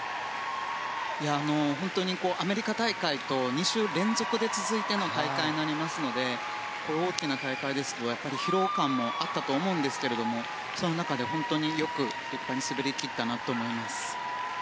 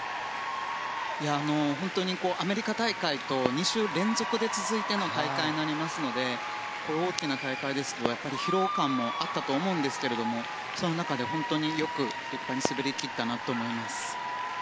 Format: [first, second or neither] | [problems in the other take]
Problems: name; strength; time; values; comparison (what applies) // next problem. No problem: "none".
first | background sound (Fireworks); 16 dB below the speech